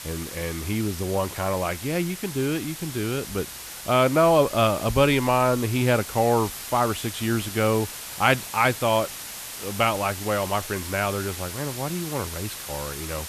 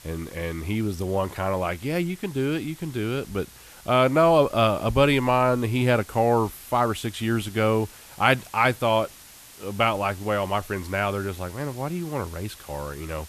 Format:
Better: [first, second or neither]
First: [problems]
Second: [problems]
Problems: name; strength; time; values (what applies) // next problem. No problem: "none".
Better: second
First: hiss; loud; throughout; 10 dB below the speech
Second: hiss; faint; throughout; 20 dB below the speech